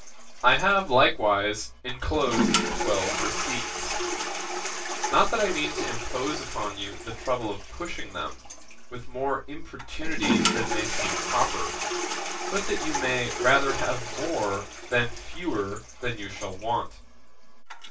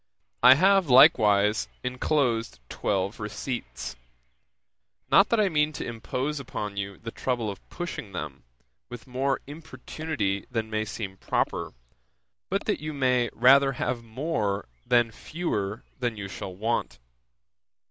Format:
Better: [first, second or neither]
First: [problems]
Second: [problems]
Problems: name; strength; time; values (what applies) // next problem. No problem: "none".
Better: second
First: background sound (Toilet flush); 4 dB below the speech // room echo; dies away in 0.1 s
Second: none